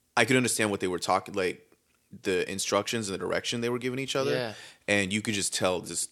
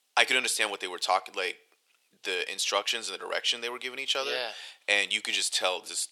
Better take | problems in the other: first | thin; very; fading below 650 Hz

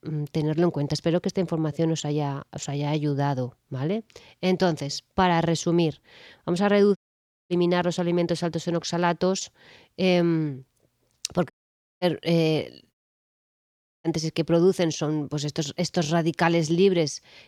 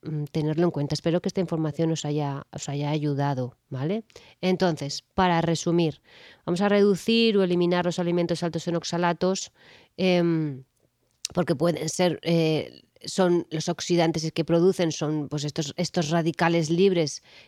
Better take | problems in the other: second | audio cutting out; at 7 s for 0.5 s, at 12 s for 0.5 s and at 13 s for 1 s

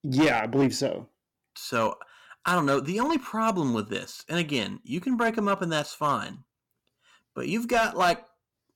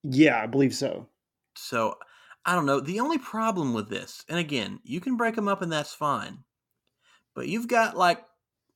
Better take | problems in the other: second | distortion; slight; 3% of the sound clipped

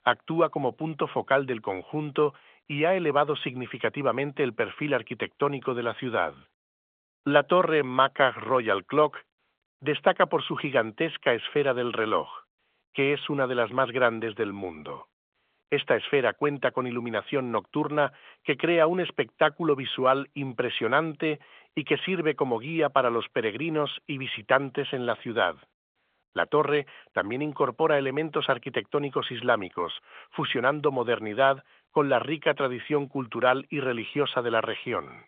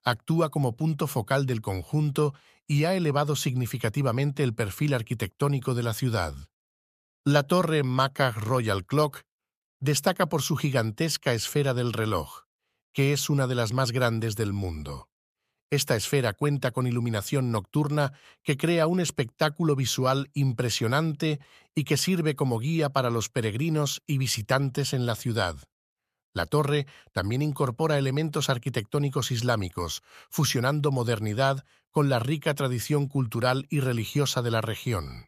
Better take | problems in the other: second | phone-call audio; nothing above 3.5 kHz

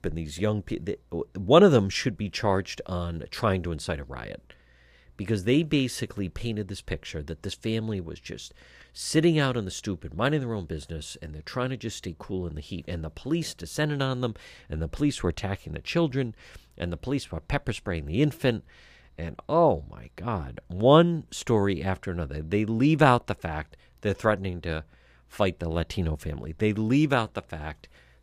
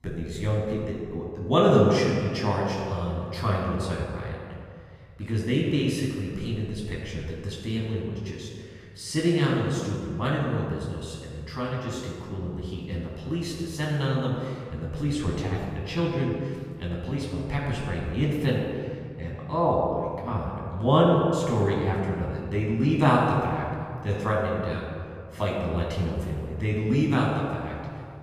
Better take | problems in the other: first | room echo; noticeable; dies away in 1.8 s // off-mic speech; far

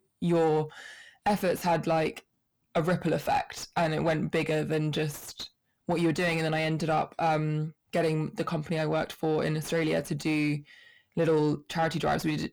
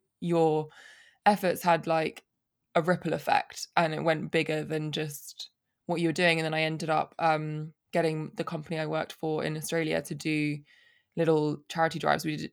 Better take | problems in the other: second | distortion; heavy; 7 dB below the speech

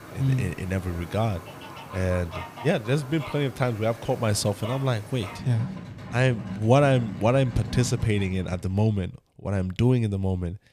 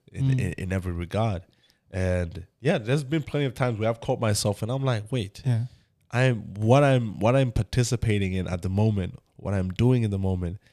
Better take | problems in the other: second | animal sounds; noticeable; until 8.5 s; 15 dB below the speech

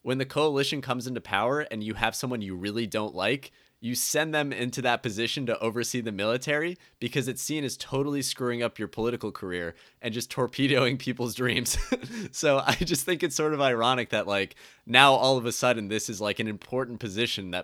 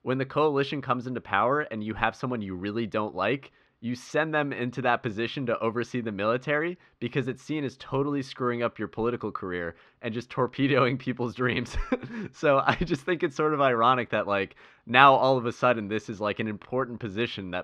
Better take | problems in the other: first | muffled; very; fading above 2.5 kHz

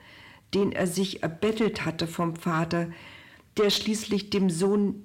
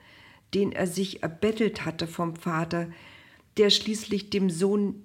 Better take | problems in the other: second | distortion; slight; 10 dB below the speech

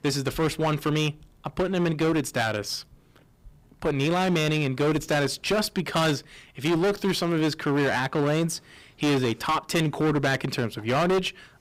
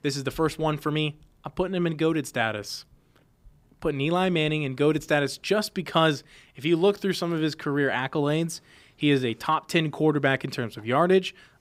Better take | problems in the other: second | distortion; heavy; 20% of the sound clipped

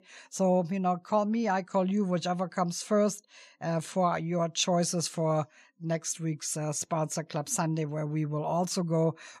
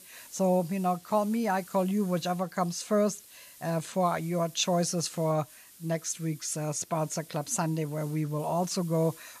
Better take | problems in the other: first | hiss; noticeable; throughout; 20 dB below the speech

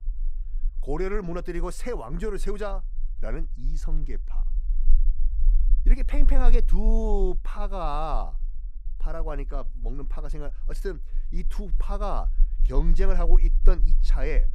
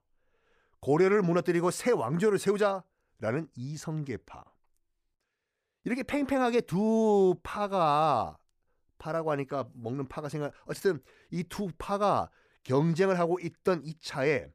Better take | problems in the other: second | low rumble; faint; throughout; 25 dB below the speech

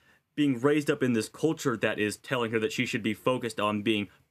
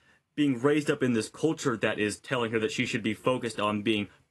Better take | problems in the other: first | garbled, watery; slightly; nothing above 11 kHz

